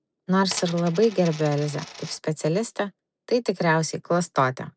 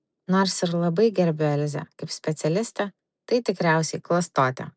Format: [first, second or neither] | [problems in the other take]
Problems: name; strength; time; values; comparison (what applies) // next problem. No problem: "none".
second | background sound (Coin (dropping)); 14 dB below the speech